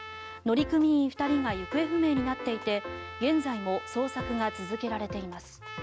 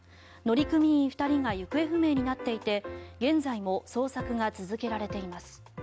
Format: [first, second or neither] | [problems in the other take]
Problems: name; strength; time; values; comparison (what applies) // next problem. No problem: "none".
second | background sound (Trumpet); 14 dB below the speech